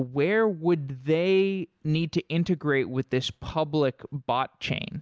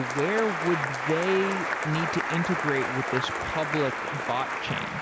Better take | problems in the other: first | background sound (Applause); 1 dB below the speech

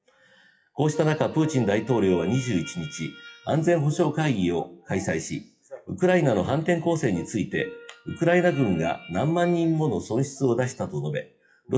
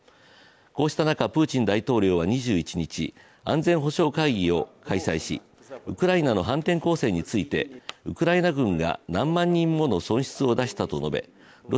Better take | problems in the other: second | noise reduction (classical method WPE with log-MMSE)

